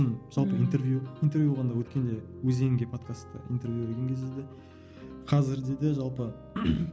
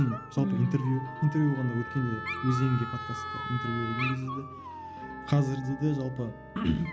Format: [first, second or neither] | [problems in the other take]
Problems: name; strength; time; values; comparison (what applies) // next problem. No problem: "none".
first | background sound (Dog + Wind instrument, woodwind instrument); 10 dB below the speech